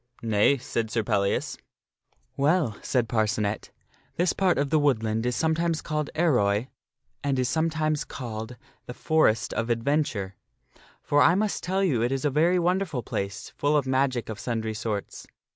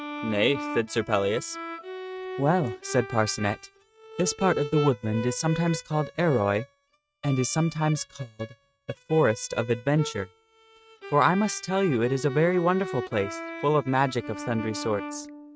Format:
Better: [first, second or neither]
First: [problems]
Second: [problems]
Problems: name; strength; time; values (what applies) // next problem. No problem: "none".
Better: first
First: none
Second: noise reduction (neural mask model RNNoise)